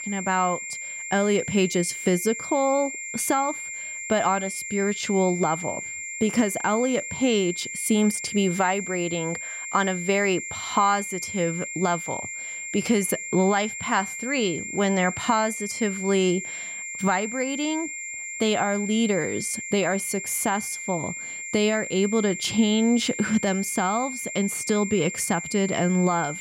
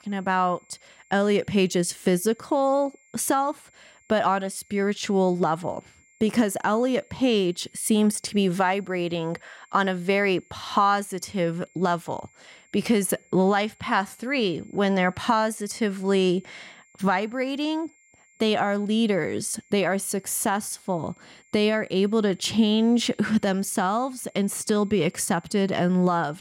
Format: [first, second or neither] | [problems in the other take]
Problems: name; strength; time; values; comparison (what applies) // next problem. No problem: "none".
second | high-pitched whine; loud; throughout; 2 kHz, 7 dB below the speech; faint in the second